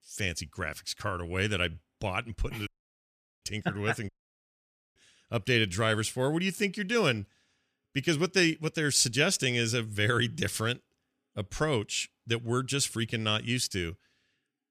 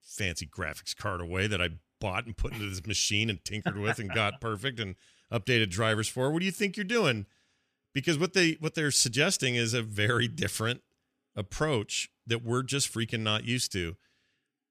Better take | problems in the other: second | audio cutting out; at 2.5 s for 1 s and at 4 s for 1 s

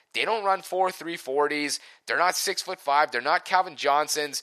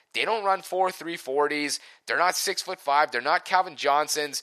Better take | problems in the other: neither | thin; very; fading below 750 Hz; the same in both

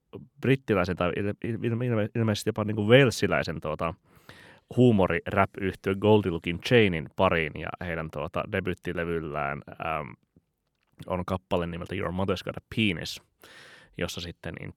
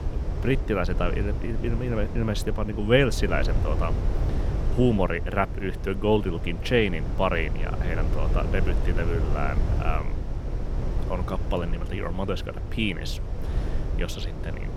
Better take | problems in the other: first | wind noise on the microphone; occasional gusts; 10 dB below the speech

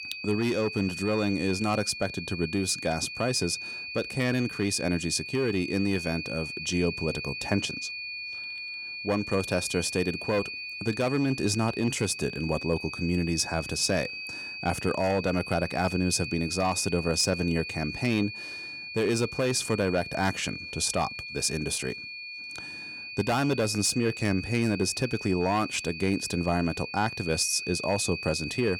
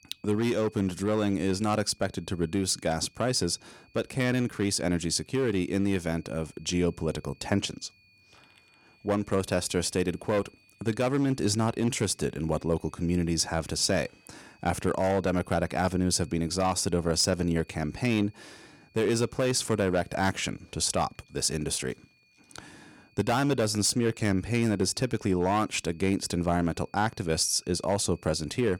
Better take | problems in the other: second | high-pitched whine; loud; throughout; 2.5 kHz, 7 dB below the speech; faint in the second

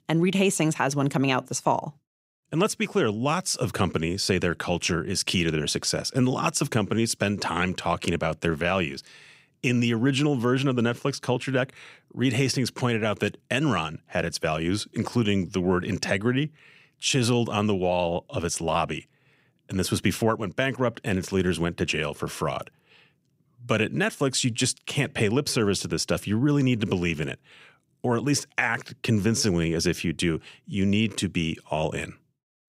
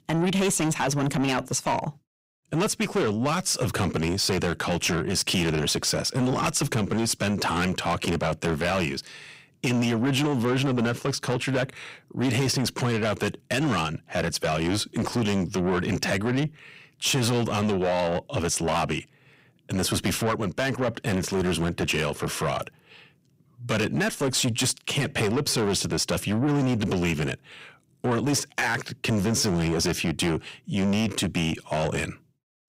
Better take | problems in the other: first | distortion; heavy; 7 dB below the speech

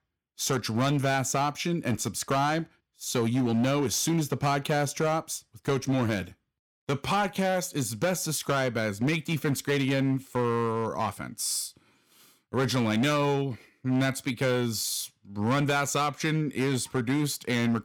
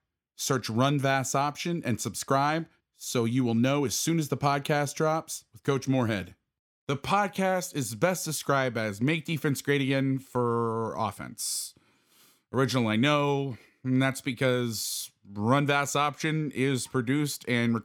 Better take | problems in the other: second | distortion; slight; 10% of the sound clipped

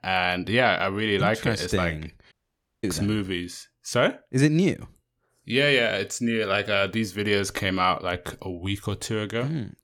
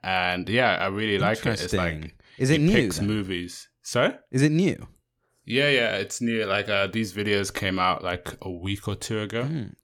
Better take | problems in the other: second | audio cutting out; at 2.5 s for 0.5 s

